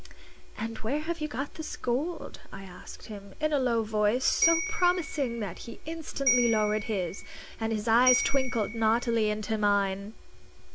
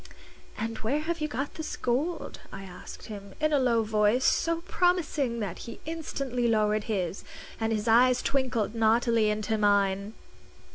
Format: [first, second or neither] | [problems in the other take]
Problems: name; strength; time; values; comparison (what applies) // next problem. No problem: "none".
second | background sound (Bell); 6 dB below the speech